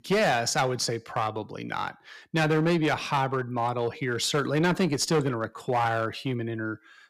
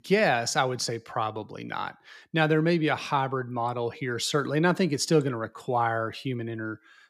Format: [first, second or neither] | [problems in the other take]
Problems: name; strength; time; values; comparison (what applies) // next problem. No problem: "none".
second | distortion; slight; 7% of the sound clipped